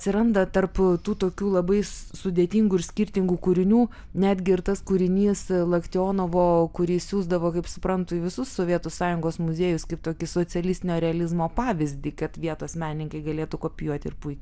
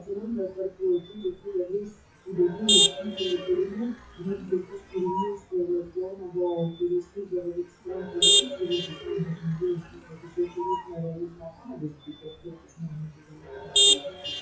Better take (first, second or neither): first